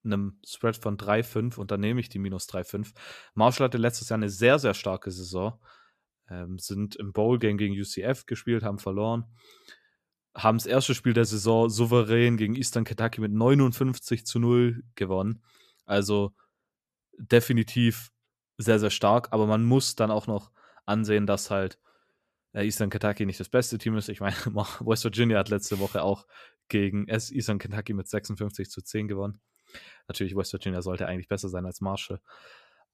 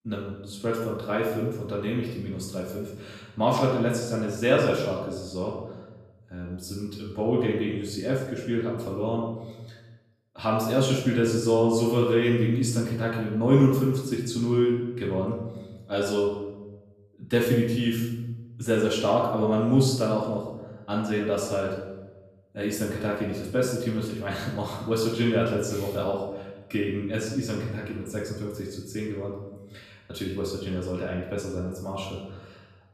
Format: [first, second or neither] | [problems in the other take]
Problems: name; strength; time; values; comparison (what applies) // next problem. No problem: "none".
first | room echo; noticeable; dies away in 0.9 s // off-mic speech; far